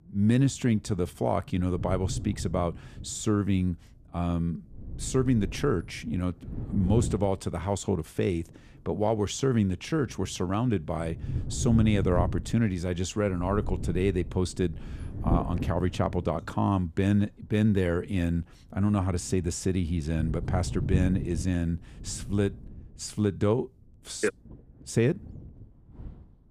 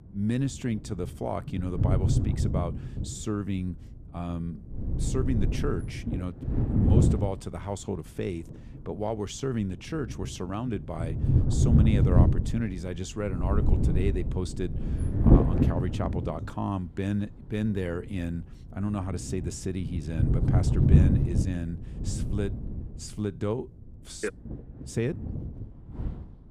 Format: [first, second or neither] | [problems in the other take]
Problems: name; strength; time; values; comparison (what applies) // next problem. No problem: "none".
first | wind noise on the microphone; heavy; 1 dB below the speech; occasional gusts in the first